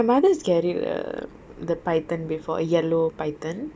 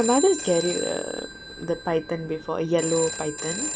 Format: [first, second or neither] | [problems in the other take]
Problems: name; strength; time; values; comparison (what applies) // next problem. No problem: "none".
first | background sound (Telephone); 7 dB below the speech